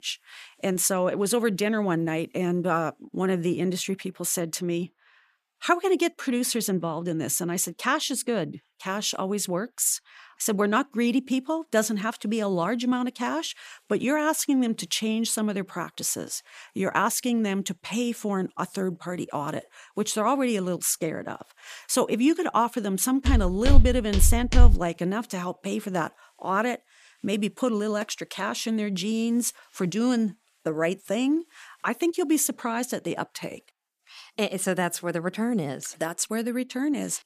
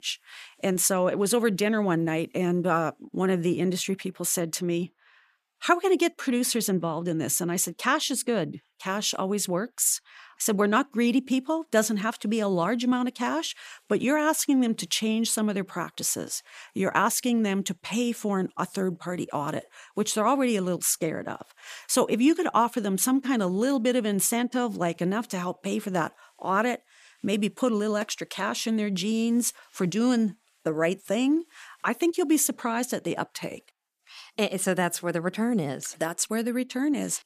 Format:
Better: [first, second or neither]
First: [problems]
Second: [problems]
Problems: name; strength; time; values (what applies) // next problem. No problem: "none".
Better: second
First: footsteps; loud; from 23 to 25 s; peak 6 dB above the speech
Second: none